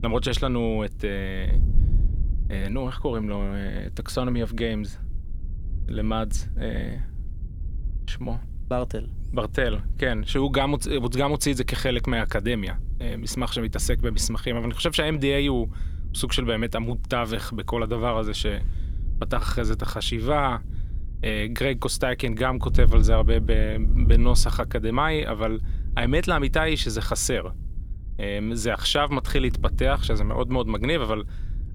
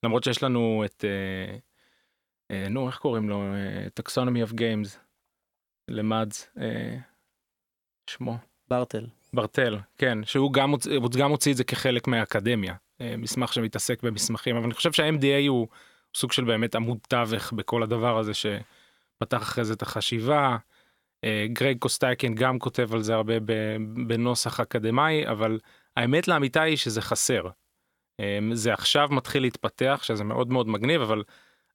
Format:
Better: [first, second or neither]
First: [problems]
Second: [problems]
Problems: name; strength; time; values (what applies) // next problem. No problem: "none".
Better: second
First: wind noise on the microphone; occasional gusts; 20 dB below the speech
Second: none